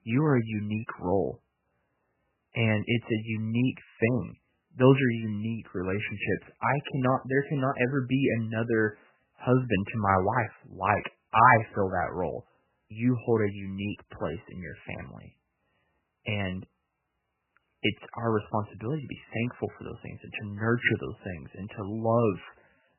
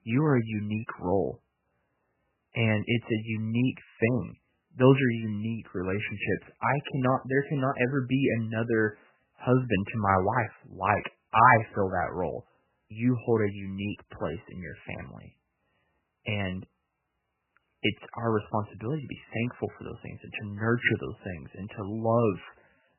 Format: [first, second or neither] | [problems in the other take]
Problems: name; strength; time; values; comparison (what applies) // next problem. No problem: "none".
neither | garbled, watery; badly; nothing above 3 kHz; the same in both